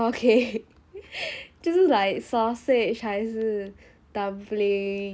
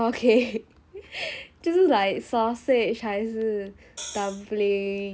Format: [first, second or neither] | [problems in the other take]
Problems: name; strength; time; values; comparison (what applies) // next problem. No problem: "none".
first | background sound (Hi-hat); 15 dB below the speech